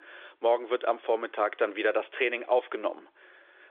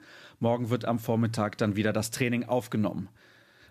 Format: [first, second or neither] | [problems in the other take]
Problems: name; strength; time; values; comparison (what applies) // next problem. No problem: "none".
second | phone-call audio; nothing above 3.5 kHz